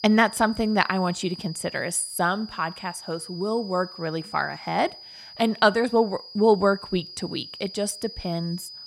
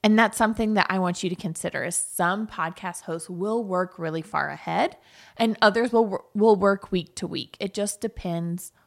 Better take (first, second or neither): second